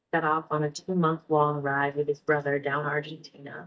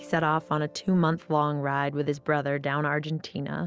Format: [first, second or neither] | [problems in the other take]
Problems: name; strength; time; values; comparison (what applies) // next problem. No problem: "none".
second | noise reduction (neural mask model DeepFilterNet 3)